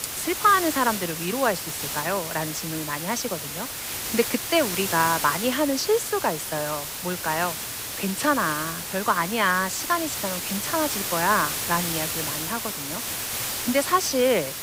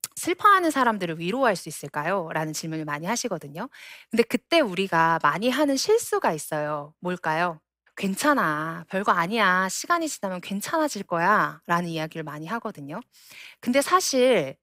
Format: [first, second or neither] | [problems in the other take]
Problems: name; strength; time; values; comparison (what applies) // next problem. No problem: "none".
second | hiss; loud; throughout; 3 dB below the speech